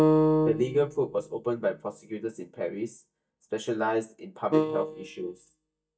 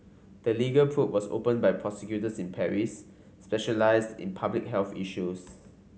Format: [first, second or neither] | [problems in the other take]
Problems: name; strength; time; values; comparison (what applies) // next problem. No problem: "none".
second | noise reduction (neural mask model DeepFilterNet 3)